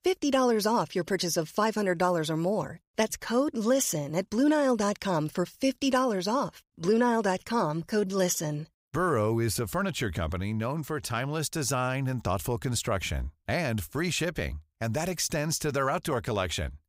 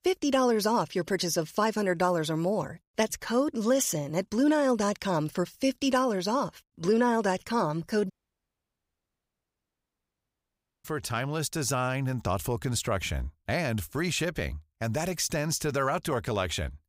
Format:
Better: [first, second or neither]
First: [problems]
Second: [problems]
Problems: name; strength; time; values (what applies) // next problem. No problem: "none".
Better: first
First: none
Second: audio cutting out; at 8 s for 2.5 s